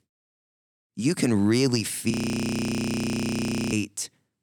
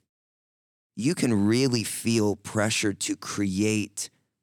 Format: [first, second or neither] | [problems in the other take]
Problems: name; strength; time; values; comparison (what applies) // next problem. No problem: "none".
second | audio freezing; at 2 s for 1.5 s